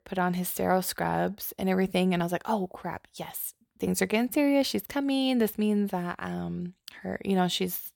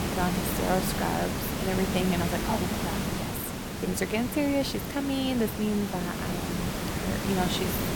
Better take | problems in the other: first | hiss; loud; throughout; 1 dB below the speech

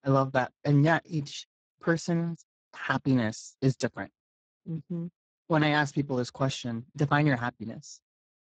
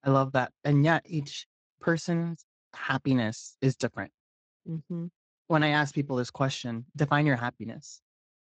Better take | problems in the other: second | garbled, watery; badly; nothing above 7.5 kHz; slightly in the second

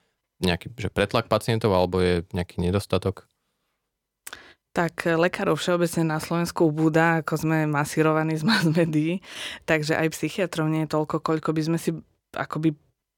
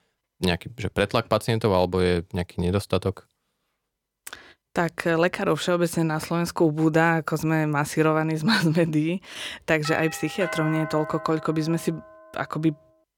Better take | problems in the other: first | doorbell; noticeable; from 10 to 12 s; peak 7 dB below the speech

